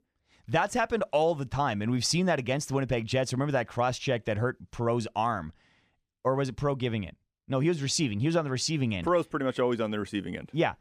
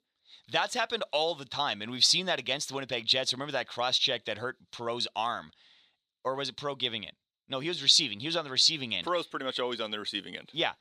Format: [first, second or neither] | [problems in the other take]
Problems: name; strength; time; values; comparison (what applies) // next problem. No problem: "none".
first | thin; somewhat; fading below 650 Hz